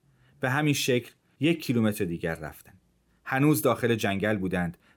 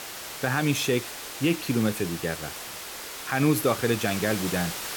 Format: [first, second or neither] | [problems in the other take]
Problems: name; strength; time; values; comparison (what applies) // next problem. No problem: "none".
first | hiss; loud; throughout; 8 dB below the speech